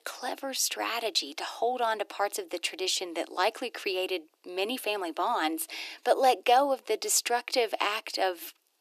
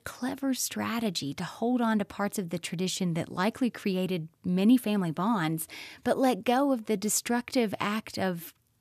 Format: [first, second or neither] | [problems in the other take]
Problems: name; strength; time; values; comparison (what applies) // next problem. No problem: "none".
second | thin; very; fading below 300 Hz